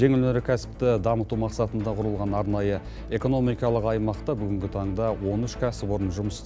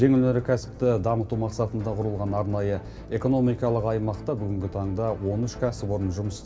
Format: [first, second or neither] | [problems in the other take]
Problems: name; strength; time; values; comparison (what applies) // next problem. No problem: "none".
first | room echo; dies away in 1.4 s